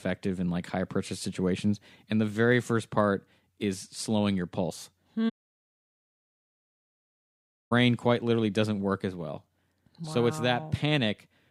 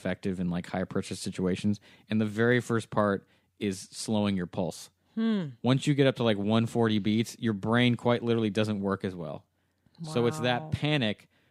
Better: second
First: audio cutting out; at 5.5 s for 2.5 s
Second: none

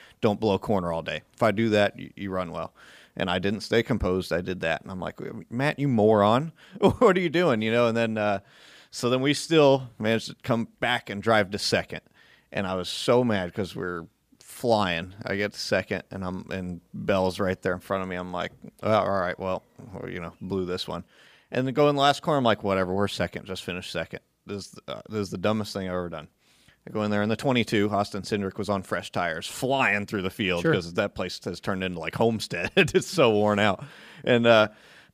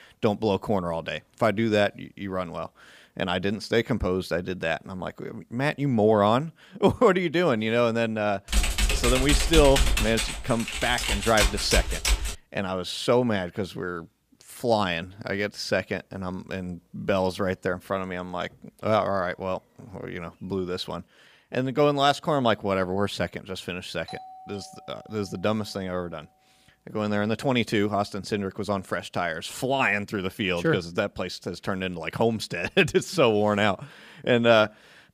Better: first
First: none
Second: keyboard typing; loud; from 8.5 to 12 s; peak 2 dB above the speech // doorbell; faint; from 24 to 26 s; peak 15 dB below the speech

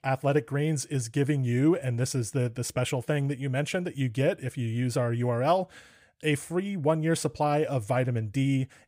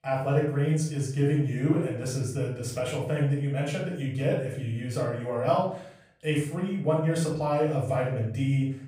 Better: first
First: none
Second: off-mic speech; far // room echo; noticeable; dies away in 0.5 s

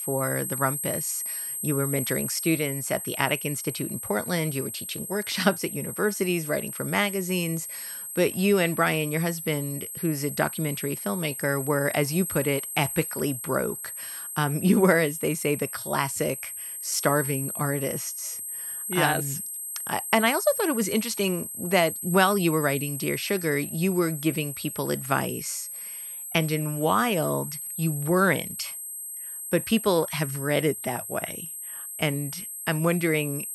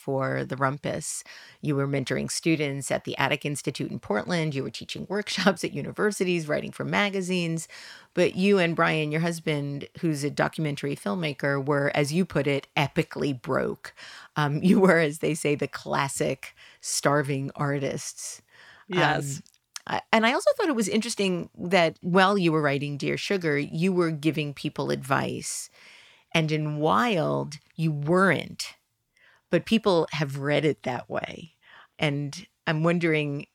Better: second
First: high-pitched whine; loud; throughout; 8 kHz, 6 dB below the speech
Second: none

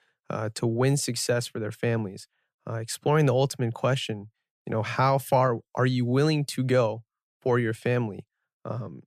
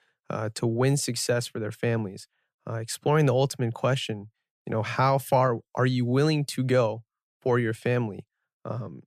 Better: neither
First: none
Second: none

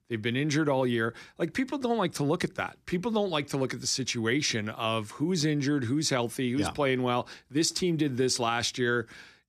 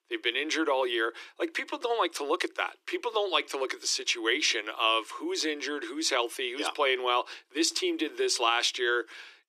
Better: first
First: none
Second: thin; very; fading below 300 Hz

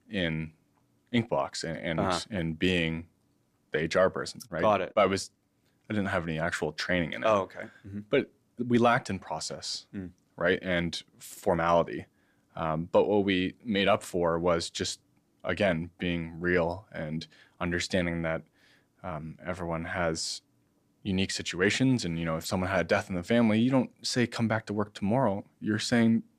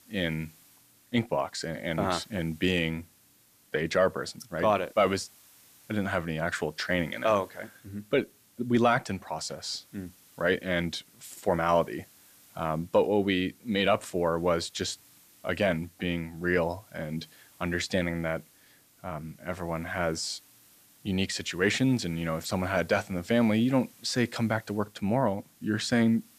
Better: first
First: none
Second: hiss; faint; throughout; 25 dB below the speech

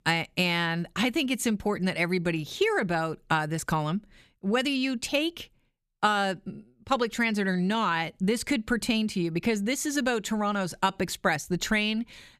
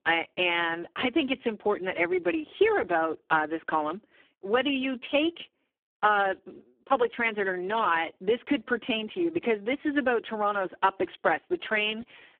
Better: first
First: none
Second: phone-call audio; poor line

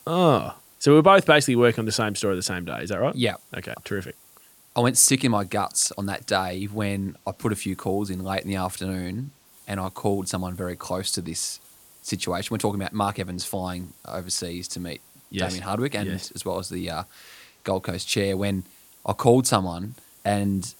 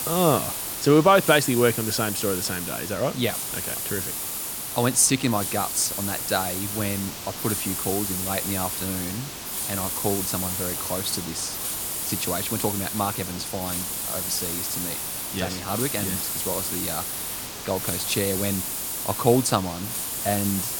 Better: first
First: hiss; faint; throughout; 25 dB below the speech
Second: hiss; loud; throughout; 2 dB below the speech

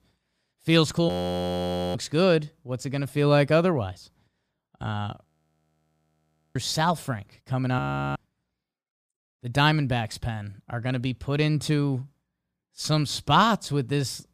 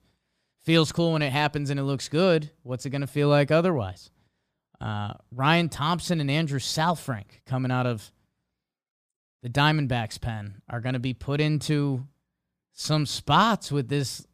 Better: second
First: audio freezing; at 1 s for 1 s, at 5.5 s for 1.5 s and at 8 s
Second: none

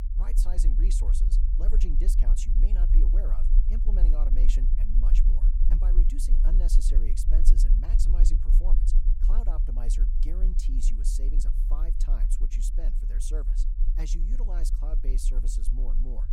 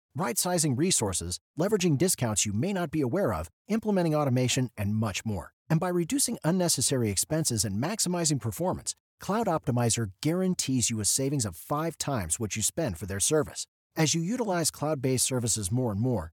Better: second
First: low rumble; loud; throughout; 5 dB below the speech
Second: none

